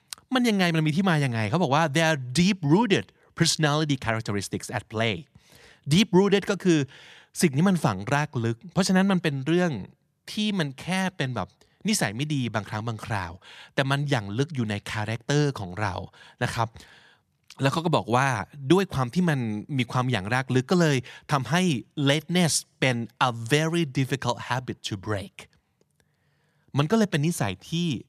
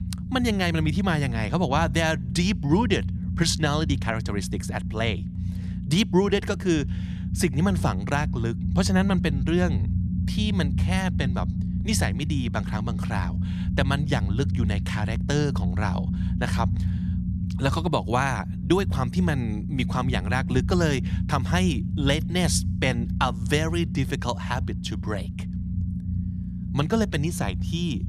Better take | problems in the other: first | low rumble; noticeable; throughout; 10 dB below the speech

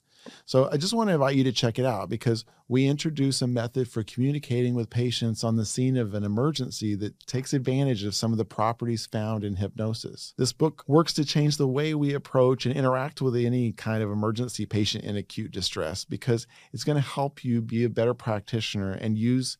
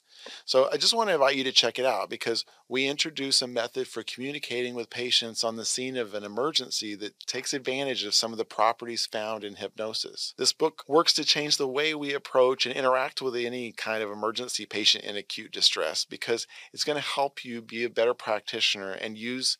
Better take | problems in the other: first | thin; very; fading below 550 Hz

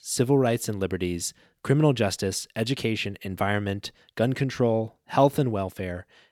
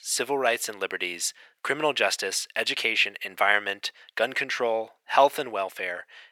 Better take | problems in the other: first | thin; very; fading below 700 Hz

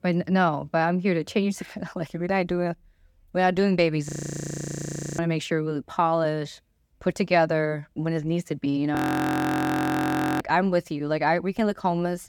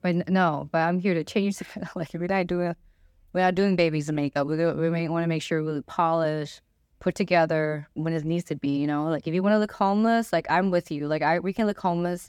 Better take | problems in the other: second | audio freezing; at 4 s for 1 s and at 9 s for 1.5 s

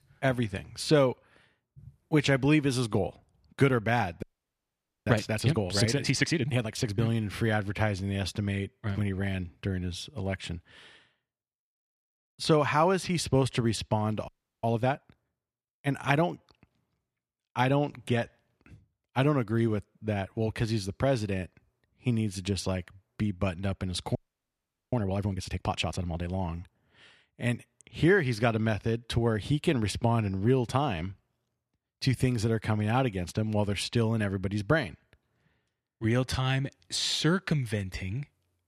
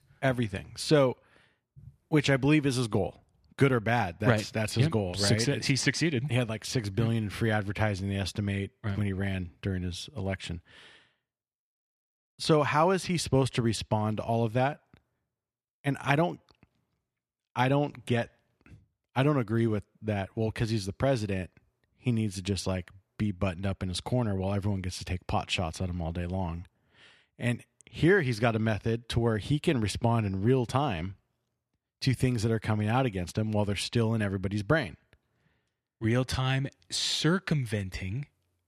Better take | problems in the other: second | audio freezing; at 4 s for 1 s, at 14 s and at 24 s for 1 s

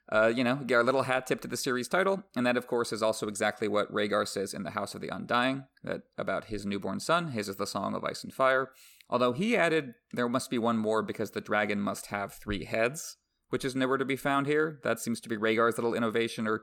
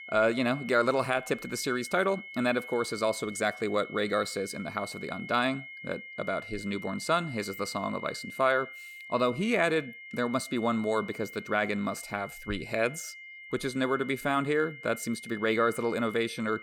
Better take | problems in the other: first | high-pitched whine; noticeable; throughout; 2 kHz, 15 dB below the speech

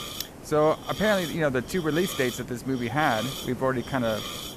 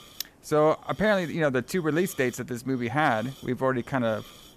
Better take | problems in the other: second | hiss; loud; throughout; 10 dB below the speech; faint in the second

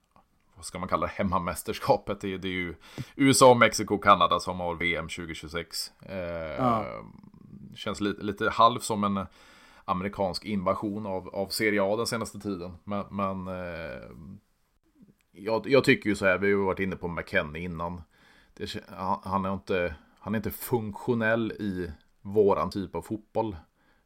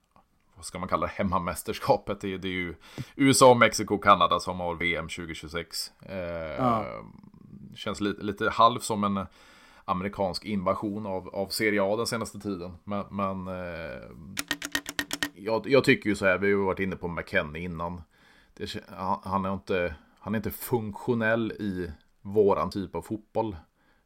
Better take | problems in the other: first | phone ringing; noticeable; at 14 s; peak 3 dB below the speech

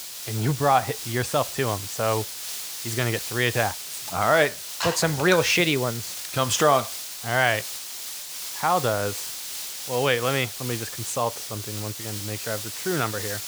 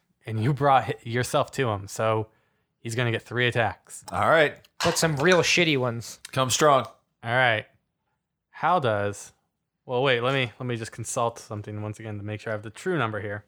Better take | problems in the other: second | hiss; loud; throughout; 7 dB below the speech

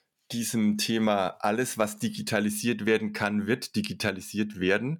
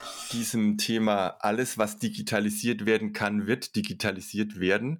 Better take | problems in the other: first | clattering dishes; noticeable; at the start; peak 9 dB below the speech

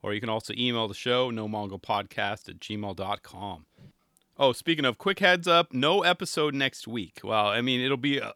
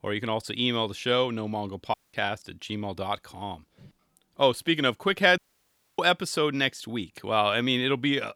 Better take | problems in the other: first | audio cutting out; at 2 s and at 5.5 s for 0.5 s

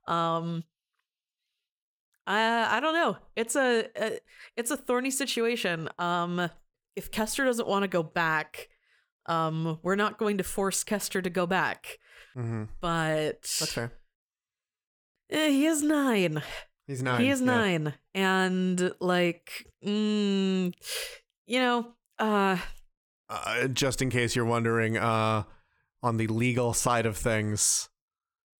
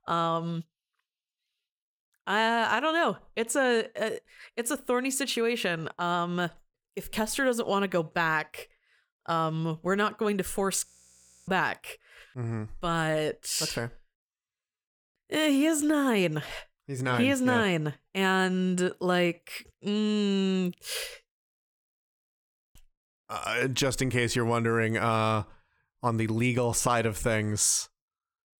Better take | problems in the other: first | audio freezing; at 11 s for 0.5 s and at 21 s for 1.5 s

